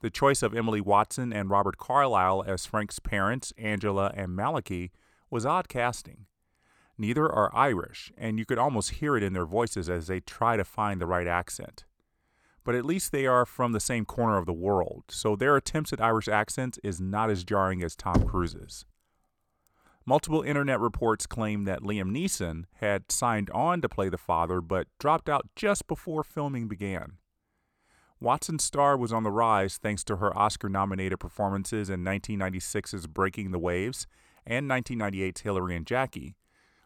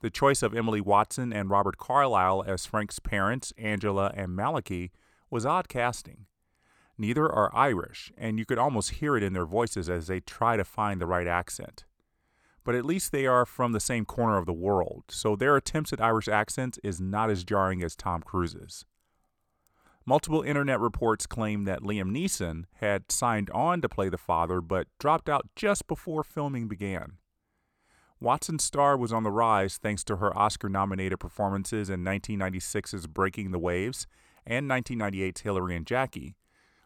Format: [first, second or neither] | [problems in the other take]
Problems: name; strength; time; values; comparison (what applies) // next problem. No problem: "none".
second | door banging; noticeable; at 18 s; peak level with the speech